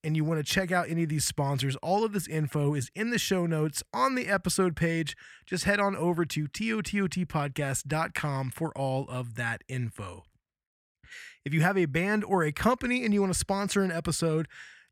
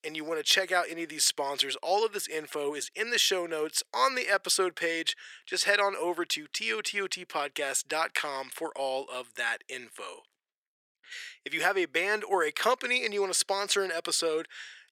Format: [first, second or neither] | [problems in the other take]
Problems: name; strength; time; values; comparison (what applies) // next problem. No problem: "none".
first | thin; very; fading below 400 Hz